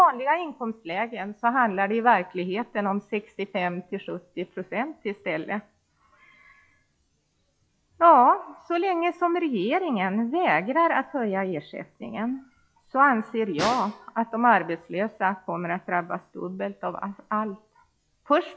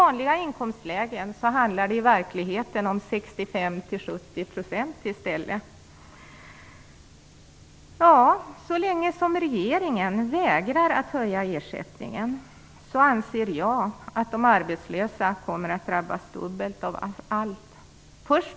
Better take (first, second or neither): second